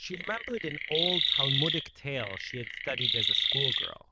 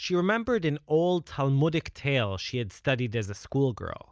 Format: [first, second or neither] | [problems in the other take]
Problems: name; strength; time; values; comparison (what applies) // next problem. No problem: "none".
second | noise reduction (neural diffusion model UNIVERSE++)